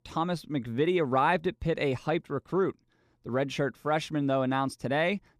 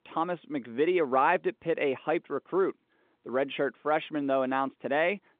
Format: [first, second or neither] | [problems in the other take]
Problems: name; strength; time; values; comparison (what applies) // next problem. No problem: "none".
first | phone-call audio; nothing above 3.5 kHz